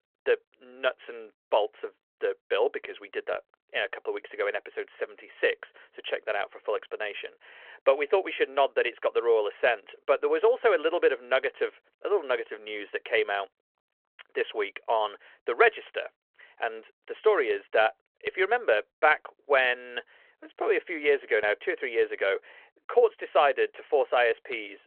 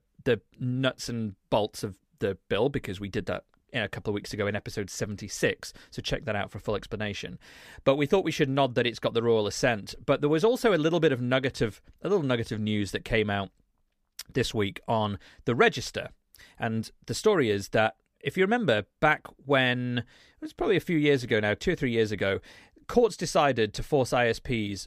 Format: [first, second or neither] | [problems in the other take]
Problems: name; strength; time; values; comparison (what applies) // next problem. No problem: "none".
second | phone-call audio